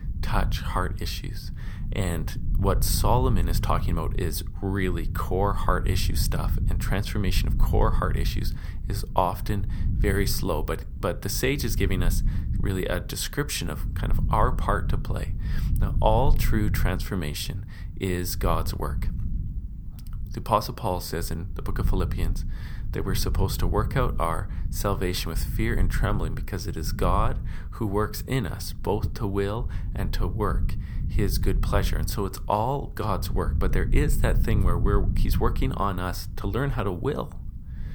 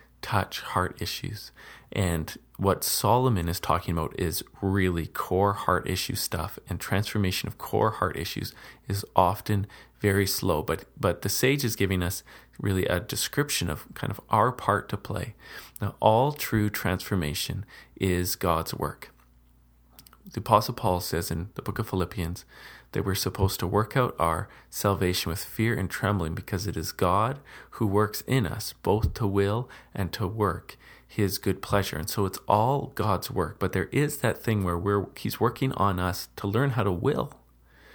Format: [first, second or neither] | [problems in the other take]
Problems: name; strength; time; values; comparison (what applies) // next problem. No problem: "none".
second | low rumble; noticeable; throughout; 15 dB below the speech